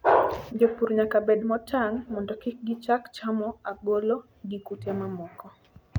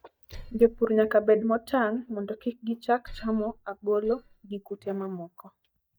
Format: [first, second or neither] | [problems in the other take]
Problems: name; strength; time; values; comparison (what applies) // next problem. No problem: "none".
first | noise reduction (neural mask model DeepFilterNet 3)